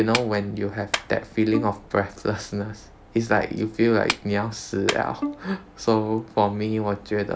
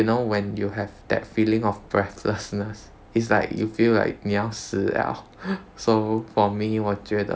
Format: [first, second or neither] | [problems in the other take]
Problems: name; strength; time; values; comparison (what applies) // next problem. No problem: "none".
second | background sound (Bowed string instrument + Clapping); 10 dB below the speech